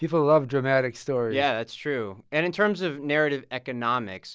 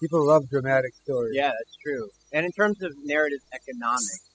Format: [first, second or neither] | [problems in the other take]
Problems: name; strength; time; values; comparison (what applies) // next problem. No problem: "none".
first | noise reduction (classical method spectral subtraction)